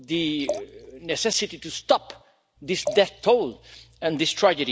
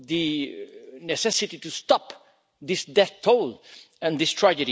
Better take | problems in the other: second | background sound (Liquid); 13 dB below the speech

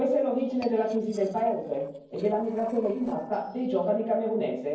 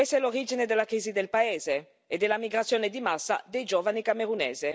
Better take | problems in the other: second | noise reduction (neural separator model SepFormer DNS4)

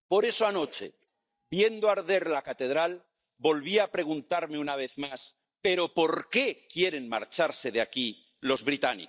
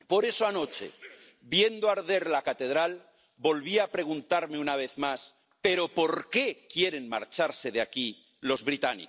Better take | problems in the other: second | noise reduction (neural mask model DeepFilterNet 3)

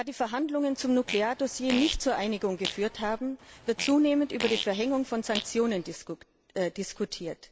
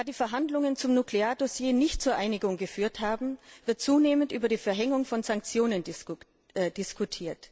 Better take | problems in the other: second | background sound (Fart); 10 dB below the speech

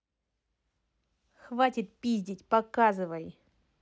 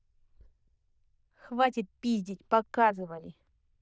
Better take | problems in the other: first | noise reduction (neural diffusion model UNIVERSE++)

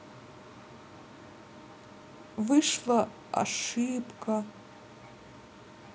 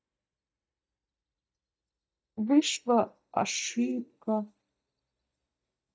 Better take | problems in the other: first | noise reduction (neural mask model DeepFilterNet 3)

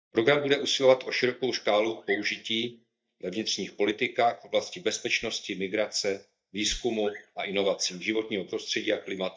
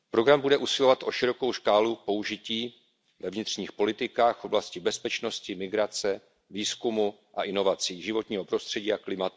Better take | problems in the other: second | noise reduction (neural mask model DeepFilterNet 3)

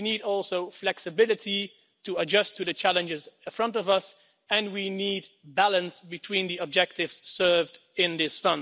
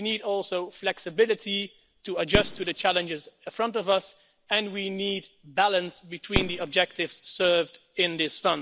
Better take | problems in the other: first | background sound (Fireworks); 11 dB below the speech

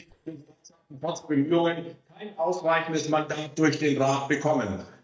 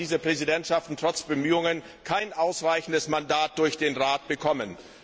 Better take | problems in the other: second | noise reduction (neural mask model DeepFilterNet 3)

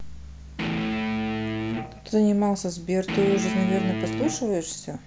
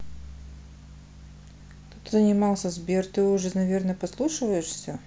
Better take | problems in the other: second | background sound (Guitar); 2 dB below the speech

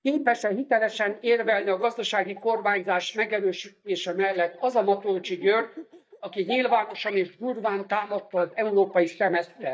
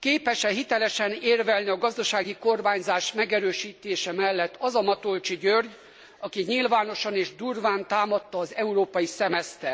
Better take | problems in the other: second | noise reduction (neural mask model DeepFilterNet 3)

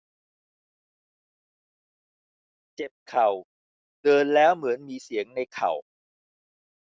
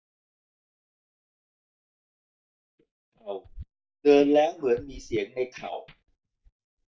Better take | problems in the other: first | noise reduction (neural mask model DeepFilterNet 3)

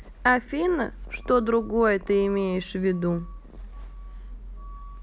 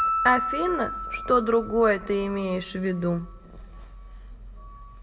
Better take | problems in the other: first | background sound (Piano); 7 dB below the speech // room echo; dies away in 0.8 s

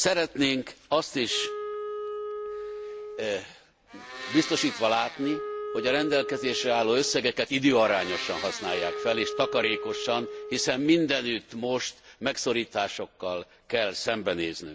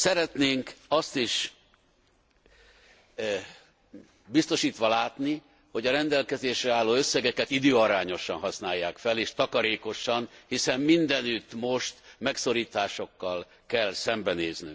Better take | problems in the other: second | background sound (Domestic sounds, home sounds + Wind instrument, woodwind instrument); 8 dB below the speech

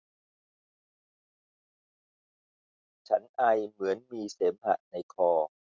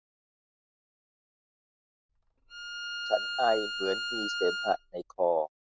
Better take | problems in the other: first | background sound (Bowed string instrument); 3 dB below the speech

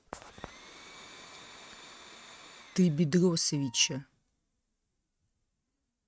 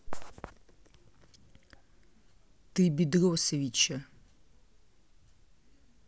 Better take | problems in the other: second | noise reduction (neural mask model RNNoise)

